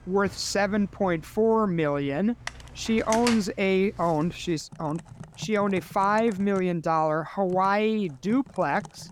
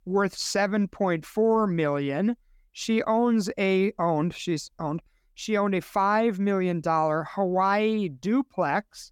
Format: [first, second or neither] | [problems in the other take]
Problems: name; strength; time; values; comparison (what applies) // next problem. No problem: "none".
second | household noises; noticeable; throughout; 15 dB below the speech